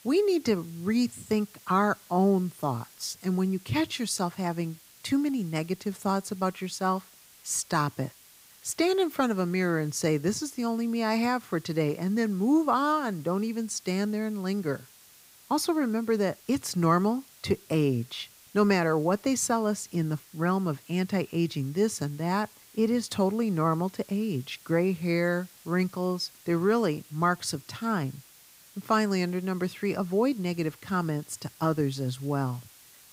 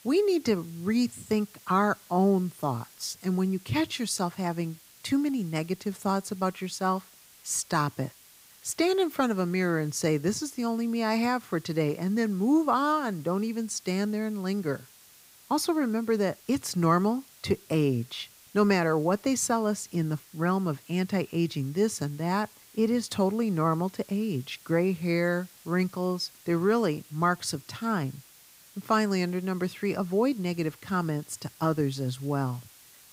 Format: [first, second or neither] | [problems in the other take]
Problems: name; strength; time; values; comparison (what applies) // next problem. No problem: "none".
neither | hiss; faint; throughout; 25 dB below the speech; the same in both